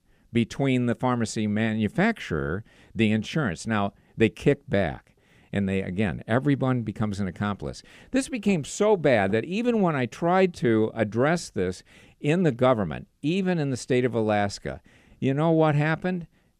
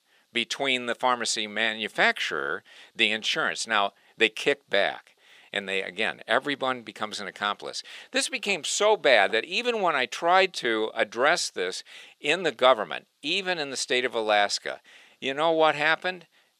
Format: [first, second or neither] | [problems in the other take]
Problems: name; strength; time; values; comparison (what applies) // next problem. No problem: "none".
first | thin; very; fading below 650 Hz